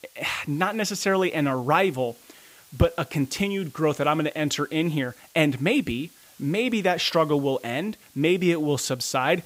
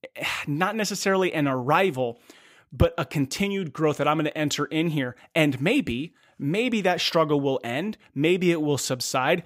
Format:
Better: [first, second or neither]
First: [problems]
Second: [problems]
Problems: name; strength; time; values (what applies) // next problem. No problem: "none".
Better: second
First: hiss; faint; throughout; 25 dB below the speech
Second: none